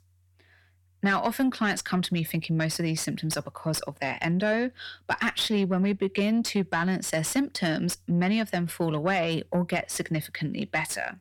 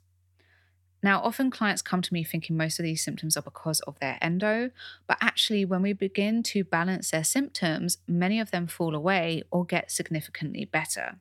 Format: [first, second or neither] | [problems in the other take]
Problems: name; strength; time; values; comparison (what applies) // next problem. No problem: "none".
second | distortion; slight; 10 dB below the speech